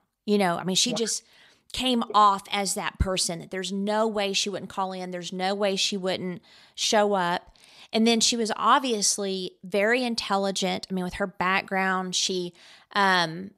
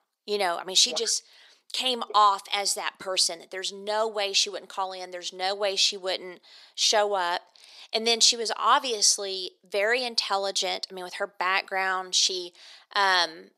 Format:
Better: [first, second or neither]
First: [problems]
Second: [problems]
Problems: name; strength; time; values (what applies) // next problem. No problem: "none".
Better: first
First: none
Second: thin; very; fading below 400 Hz